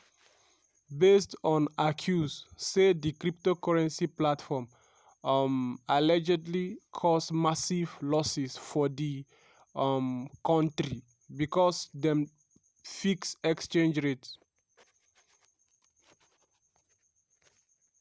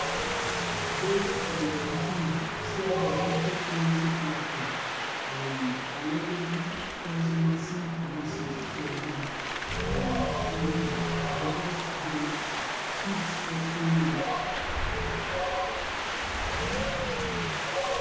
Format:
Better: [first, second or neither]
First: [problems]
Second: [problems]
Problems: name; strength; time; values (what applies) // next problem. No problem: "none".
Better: first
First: none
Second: background sound (Wind); 2 dB above the speech // room echo; dies away in 1.1 s